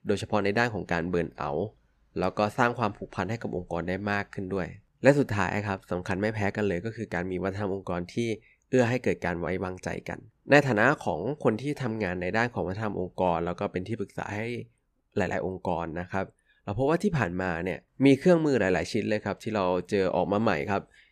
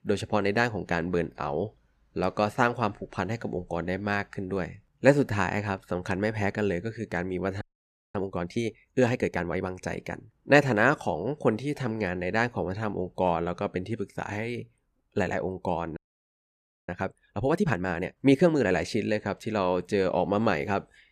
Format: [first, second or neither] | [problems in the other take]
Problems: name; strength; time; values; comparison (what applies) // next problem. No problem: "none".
first | audio freezing; at 7.5 s for 0.5 s and at 16 s for 1 s